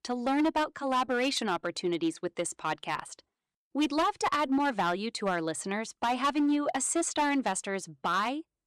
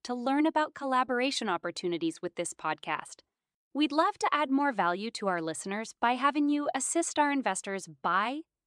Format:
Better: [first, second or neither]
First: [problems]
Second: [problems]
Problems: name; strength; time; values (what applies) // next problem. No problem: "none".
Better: second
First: distortion; slight; 7% of the sound clipped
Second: none